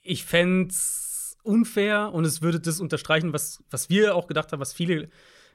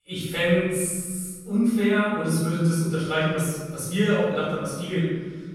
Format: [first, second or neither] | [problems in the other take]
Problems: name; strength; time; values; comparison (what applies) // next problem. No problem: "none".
first | room echo; strong; dies away in 1.5 s // off-mic speech; far